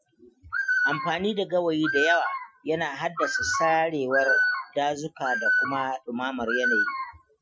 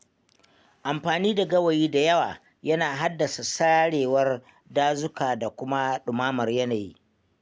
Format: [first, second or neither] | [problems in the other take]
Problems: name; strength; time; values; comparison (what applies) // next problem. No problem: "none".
second | noise reduction (classical method Wiener filter)